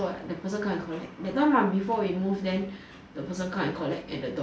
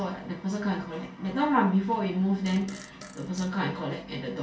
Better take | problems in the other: first | background sound (Fart); 19 dB below the speech // room echo; dies away in 0.1 s

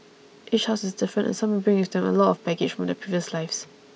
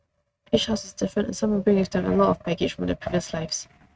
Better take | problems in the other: first | noise reduction (neural mask model RNNoise)

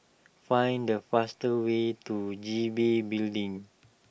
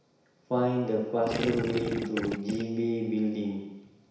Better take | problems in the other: first | background sound (Gurgling); 3 dB below the speech // room echo; dies away in 1 s

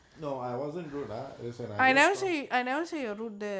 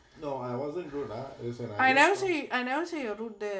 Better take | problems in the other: first | room echo; dies away in 0.2 s

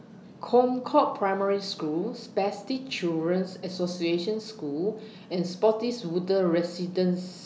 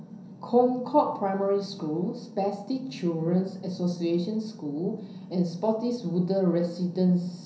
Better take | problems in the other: first | room echo; dies away in 0.6 s

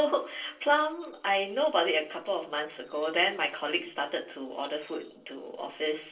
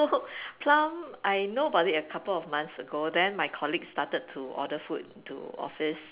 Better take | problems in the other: second | noise reduction (neural separator model SepFormer DNS4)

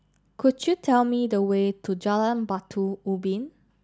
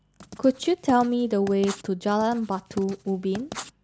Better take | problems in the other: first | background sound (Writing); 16 dB below the speech

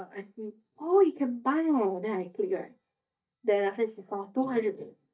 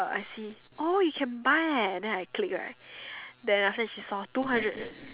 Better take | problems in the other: second | noise reduction (neural mask model DeepFilterNet 3)

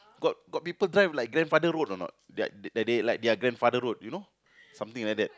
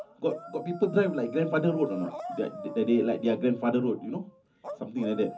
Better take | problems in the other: first | background sound (Dog); 13 dB below the speech // room echo; dies away in 0.3 s

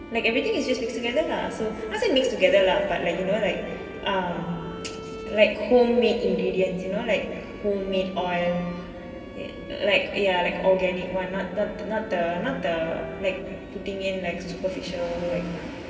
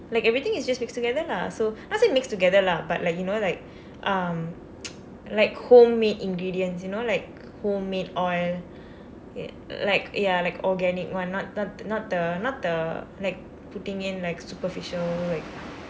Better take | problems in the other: second | background sound (Bowed string instrument); 19 dB below the speech // room echo; dies away in 2.5 s

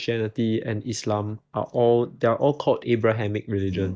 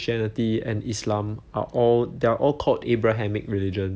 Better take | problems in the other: second | noise reduction (neural mask model DeepFilterNet 3)

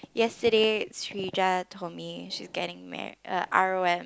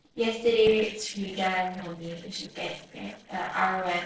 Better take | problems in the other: first | noise reduction (neural separator model SepFormer DNS4)

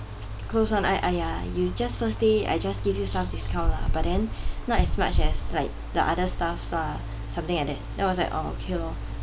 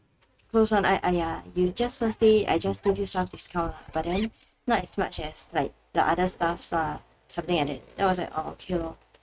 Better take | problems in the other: first | noise reduction (neural mask model RNNoise)

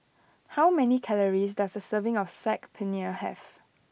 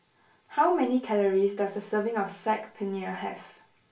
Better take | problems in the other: first | room echo; dies away in 0.3 s

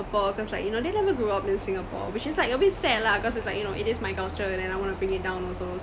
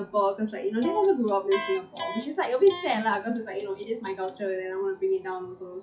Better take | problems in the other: first | noise reduction (classical method WPE with log-MMSE)

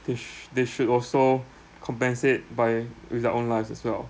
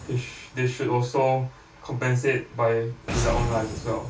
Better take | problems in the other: first | background sound (Boom); 9 dB below the speech // room echo; dies away in 0.2 s

